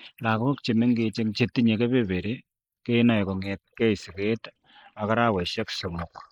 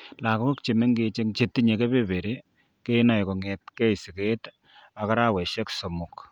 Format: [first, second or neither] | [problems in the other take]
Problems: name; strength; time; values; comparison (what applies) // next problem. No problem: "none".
second | noise reduction (neural mask model Resemble Enhance denoiser)